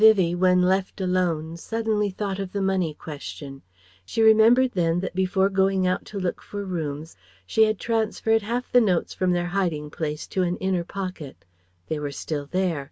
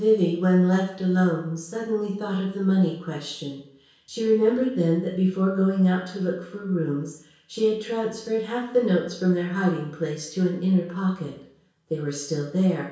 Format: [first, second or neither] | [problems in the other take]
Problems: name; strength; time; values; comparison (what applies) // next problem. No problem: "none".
first | room echo; dies away in 0.6 s